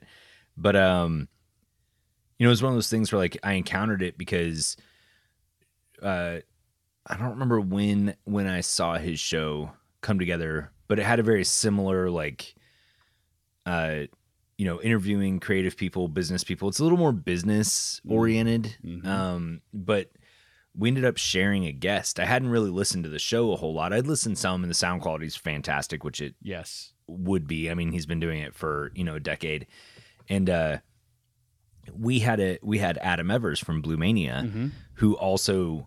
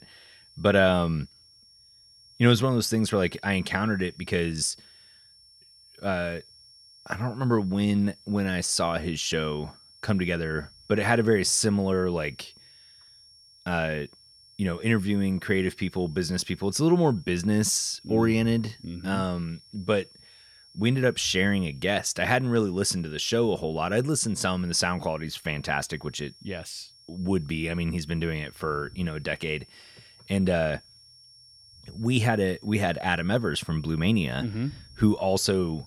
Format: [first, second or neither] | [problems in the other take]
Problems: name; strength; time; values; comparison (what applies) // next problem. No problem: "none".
first | high-pitched whine; faint; throughout; 5.5 kHz, 25 dB below the speech